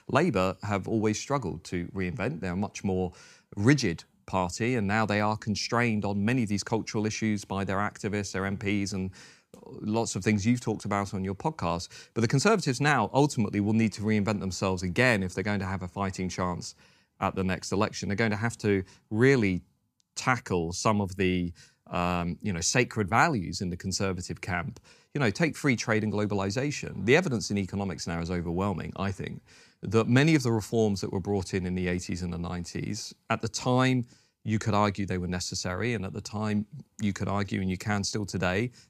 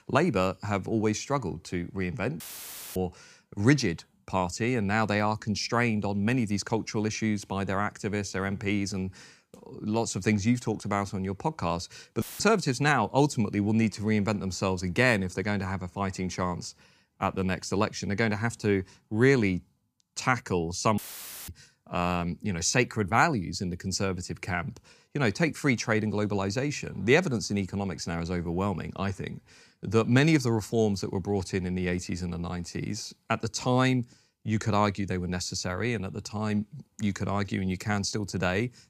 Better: first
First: none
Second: audio cutting out; filled with static; at 2.5 s for 0.5 s, at 12 s and at 21 s for 0.5 s

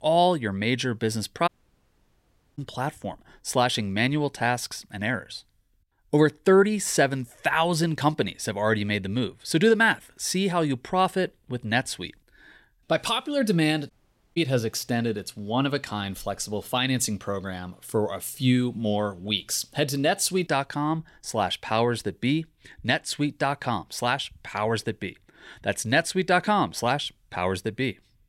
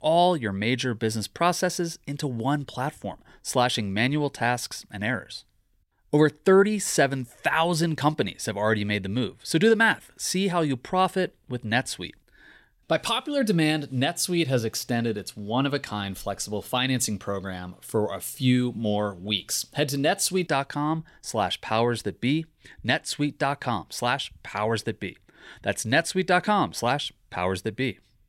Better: second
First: audio cutting out; at 1.5 s for 1 s and at 14 s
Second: none

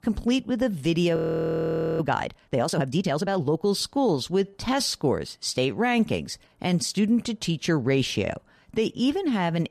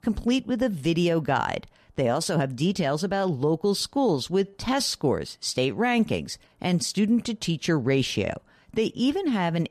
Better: second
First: audio freezing; at 1 s for 1 s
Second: none

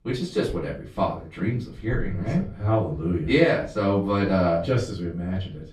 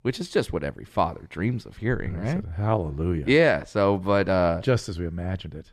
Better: second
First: off-mic speech; far // room echo; slight; dies away in 0.3 s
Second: none

